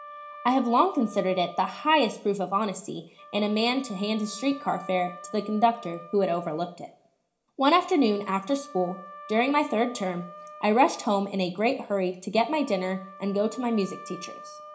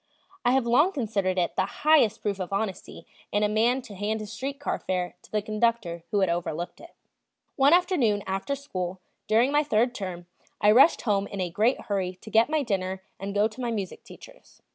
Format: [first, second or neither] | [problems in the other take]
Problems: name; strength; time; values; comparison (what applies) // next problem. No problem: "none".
second | background sound (Wind instrument, woodwind instrument); 18 dB below the speech // room echo; dies away in 0.4 s